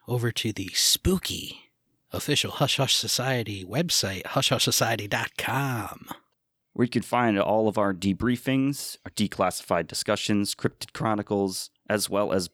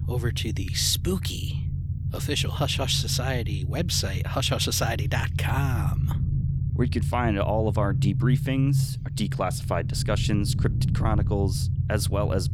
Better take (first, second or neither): first